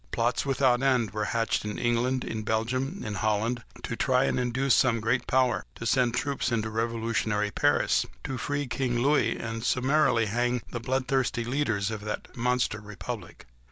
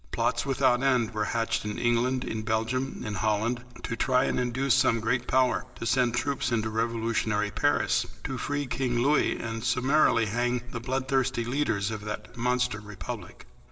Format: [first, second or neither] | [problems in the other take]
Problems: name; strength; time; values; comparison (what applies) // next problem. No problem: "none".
first | room echo; dies away in 1.8 s